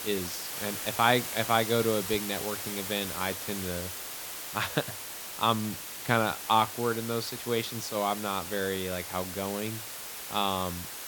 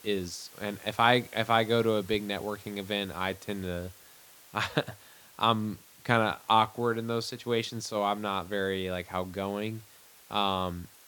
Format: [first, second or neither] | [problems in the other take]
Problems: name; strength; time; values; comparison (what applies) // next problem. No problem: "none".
second | hiss; loud; throughout; 5 dB below the speech; faint in the second